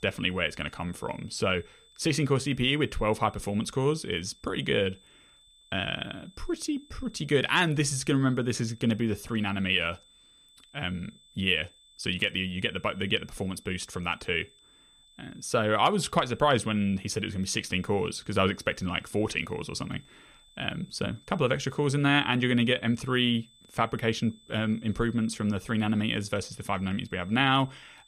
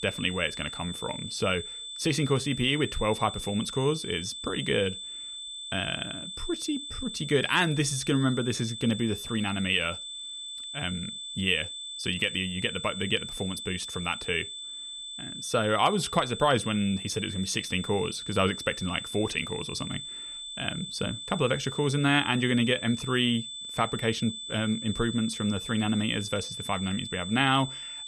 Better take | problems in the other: first | high-pitched whine; loud; throughout; 3.5 kHz, 8 dB below the speech; faint in the first

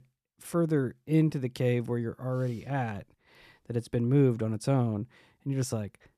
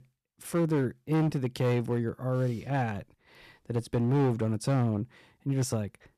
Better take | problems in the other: first | distortion; slight; 8% of the sound clipped

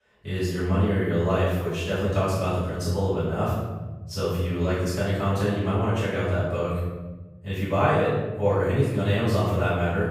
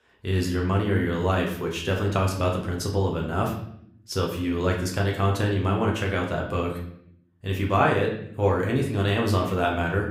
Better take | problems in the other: second | room echo; strong; dies away in 1.6 s; slight in the second // off-mic speech; far; somewhat distant in the second

